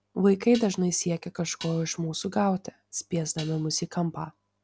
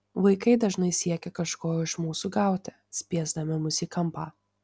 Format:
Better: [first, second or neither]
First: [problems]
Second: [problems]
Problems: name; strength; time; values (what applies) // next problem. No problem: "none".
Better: second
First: background sound (Dishes, pots, and pans); 18 dB below the speech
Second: none